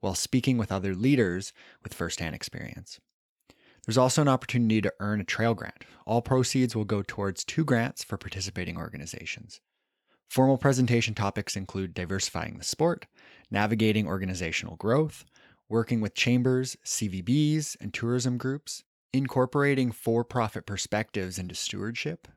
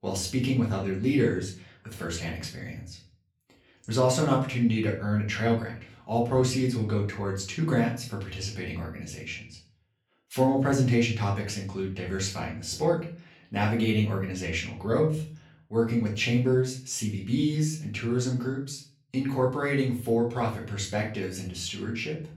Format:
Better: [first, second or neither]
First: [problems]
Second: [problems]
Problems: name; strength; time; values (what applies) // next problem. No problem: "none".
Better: first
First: none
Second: off-mic speech; far // room echo; slight; dies away in 0.4 s